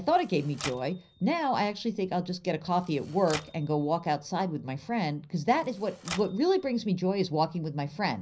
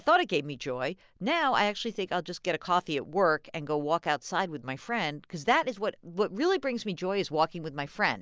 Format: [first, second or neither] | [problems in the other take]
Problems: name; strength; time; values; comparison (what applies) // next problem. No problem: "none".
second | background sound (Typewriter); 18 dB below the speech // room echo; dies away in 0.4 s